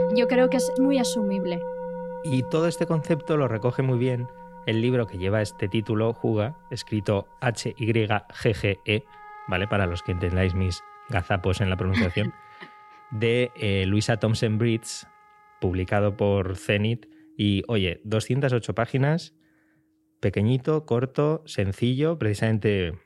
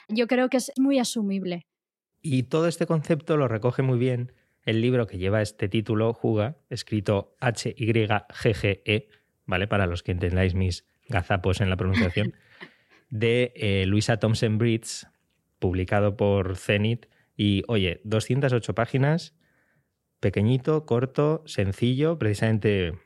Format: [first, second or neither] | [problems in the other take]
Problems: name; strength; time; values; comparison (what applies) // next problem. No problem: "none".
second | background music; loud; throughout; 8 dB below the speech